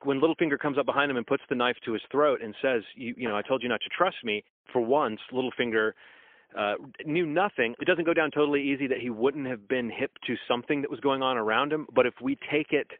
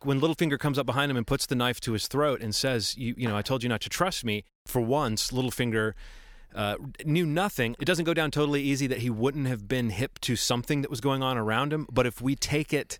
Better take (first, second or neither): second